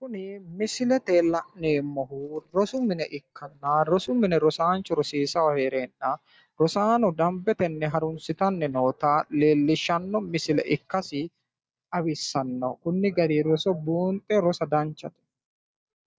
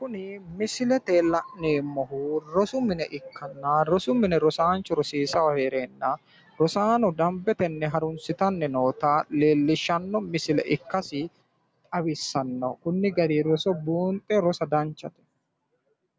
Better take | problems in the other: second | noise reduction (neural mask model DeepFilterNet 3)

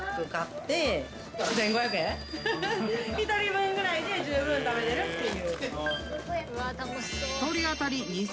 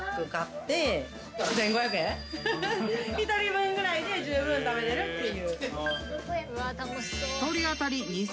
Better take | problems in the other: second | background sound (Skateboard + Motorcycle); 14 dB below the speech

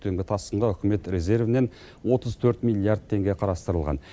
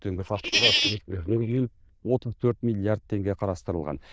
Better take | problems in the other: first | noise reduction (neural diffusion model UNIVERSE++)

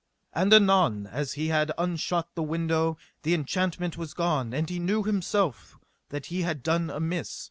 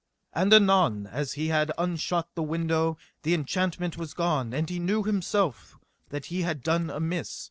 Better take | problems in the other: first | noise reduction (neural separator model SepFormer DNS4)

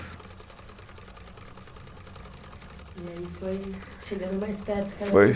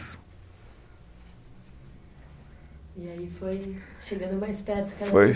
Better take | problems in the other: second | background sound (Engine / Mechanisms); 18 dB below the speech

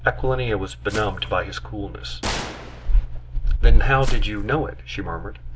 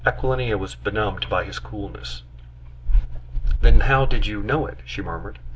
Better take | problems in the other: second | background sound (Gunshot, gunfire + Walk, footsteps); 15 dB below the speech

